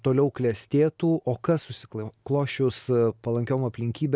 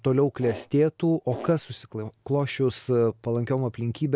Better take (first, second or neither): first